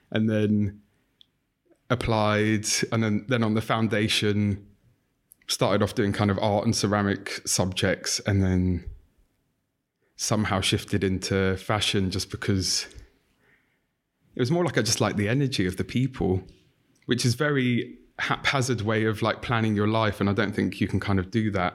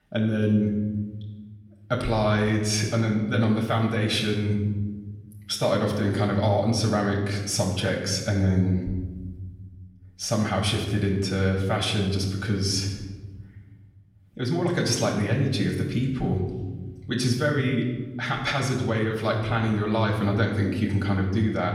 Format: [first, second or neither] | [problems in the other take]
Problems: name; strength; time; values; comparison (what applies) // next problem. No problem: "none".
first | off-mic speech; far // room echo; noticeable; dies away in 1.3 s